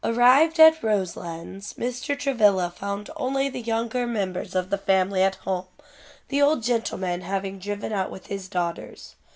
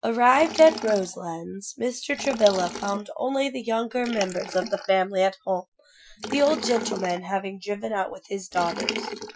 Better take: first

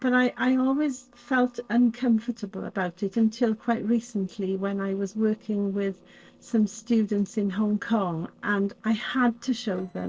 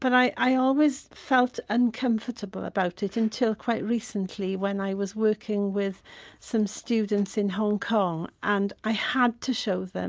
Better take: second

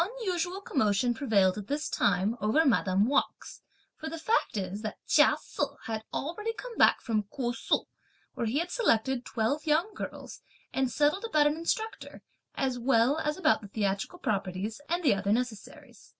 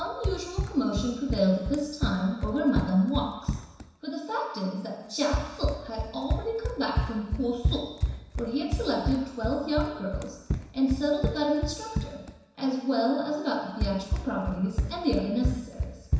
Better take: first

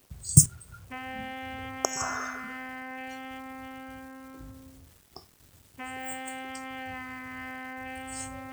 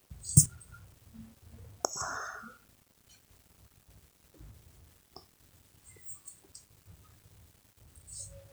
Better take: second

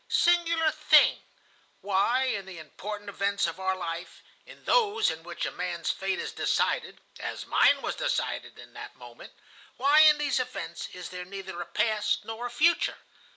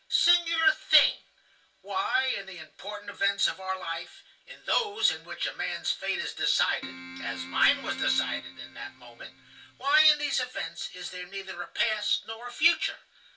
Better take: first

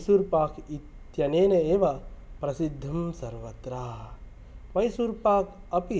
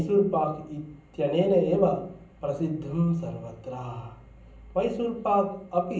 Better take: first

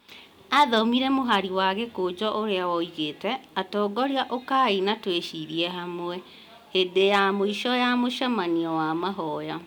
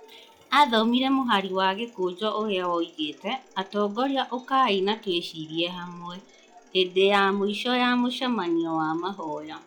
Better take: first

